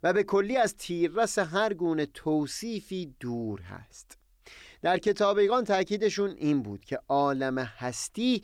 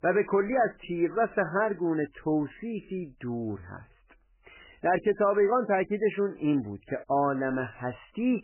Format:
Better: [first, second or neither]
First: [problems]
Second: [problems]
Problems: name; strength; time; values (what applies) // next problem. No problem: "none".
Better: first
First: none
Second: garbled, watery; badly; nothing above 3 kHz